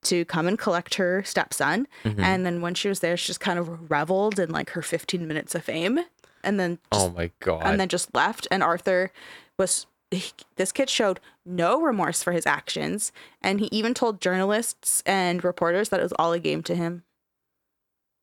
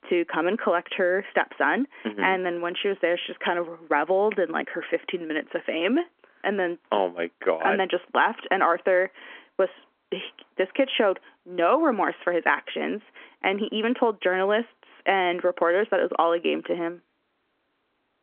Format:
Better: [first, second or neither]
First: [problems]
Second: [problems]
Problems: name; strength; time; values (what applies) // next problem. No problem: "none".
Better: first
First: none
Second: phone-call audio; nothing above 3.5 kHz